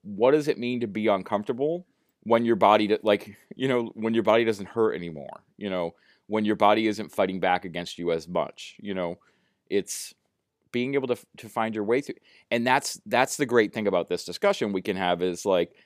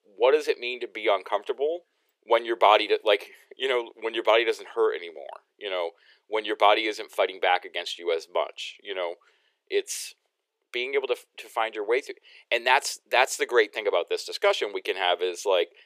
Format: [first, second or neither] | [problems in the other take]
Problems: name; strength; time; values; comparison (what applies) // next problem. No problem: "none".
first | thin; very; fading below 400 Hz